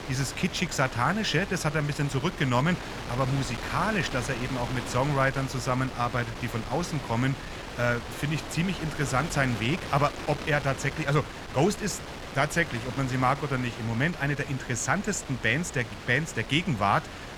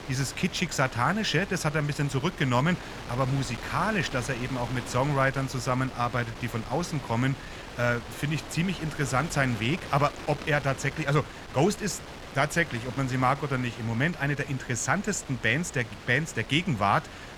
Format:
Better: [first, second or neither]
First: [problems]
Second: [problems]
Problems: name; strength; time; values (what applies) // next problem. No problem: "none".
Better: second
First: wind noise on the microphone; heavy; 9 dB below the speech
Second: wind noise on the microphone; occasional gusts; 10 dB below the speech